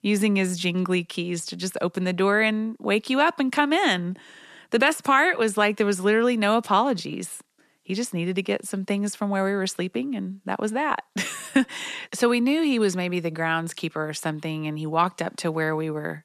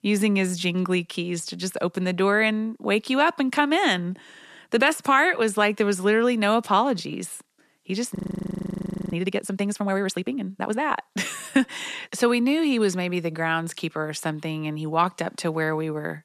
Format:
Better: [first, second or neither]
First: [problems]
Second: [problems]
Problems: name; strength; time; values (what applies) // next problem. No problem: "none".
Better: first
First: none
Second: audio freezing; at 8 s for 1 s